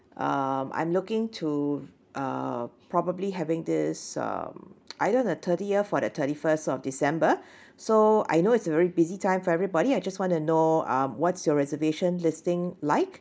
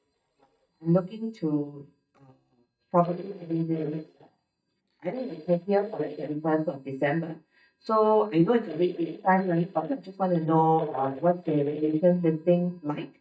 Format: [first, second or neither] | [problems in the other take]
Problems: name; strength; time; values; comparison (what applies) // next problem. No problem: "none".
first | noise reduction (neural mask model DeepFilterNet 3)